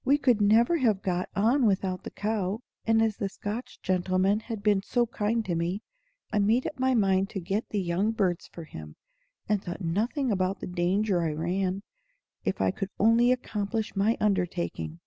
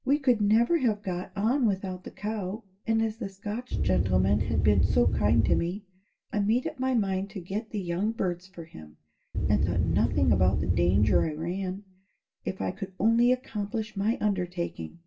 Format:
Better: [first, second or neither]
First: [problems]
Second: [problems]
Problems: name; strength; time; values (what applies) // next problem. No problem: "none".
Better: first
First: none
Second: background sound (Wind); 4 dB above the speech // room echo; dies away in 0.2 s